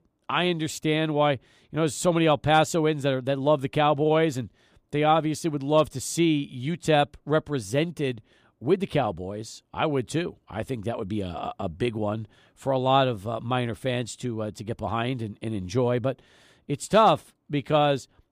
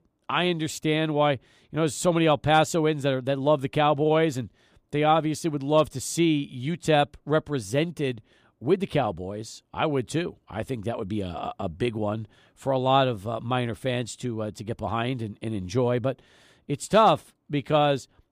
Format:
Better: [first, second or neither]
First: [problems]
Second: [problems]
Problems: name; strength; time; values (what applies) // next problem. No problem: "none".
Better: neither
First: none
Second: none